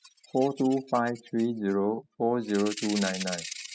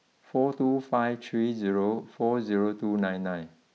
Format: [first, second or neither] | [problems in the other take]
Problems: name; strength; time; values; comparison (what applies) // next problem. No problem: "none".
second | noise reduction (classical method spectral subtraction)